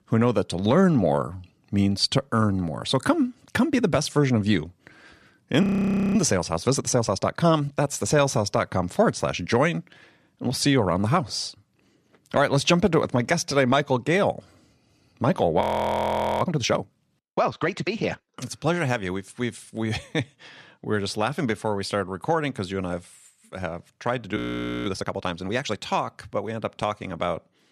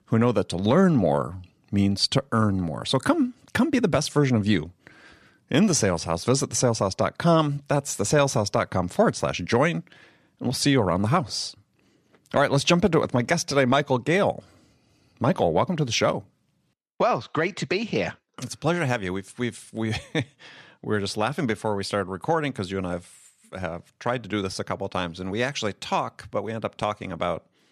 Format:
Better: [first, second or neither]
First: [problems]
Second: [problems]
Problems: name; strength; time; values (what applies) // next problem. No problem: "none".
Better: second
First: audio freezing; at 5.5 s for 0.5 s, at 16 s for 1 s and at 24 s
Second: none